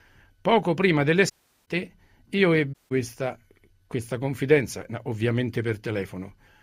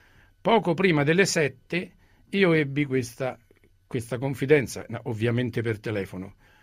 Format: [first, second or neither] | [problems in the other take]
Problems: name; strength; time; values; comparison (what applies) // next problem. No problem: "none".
second | audio cutting out; at 1.5 s and at 2.5 s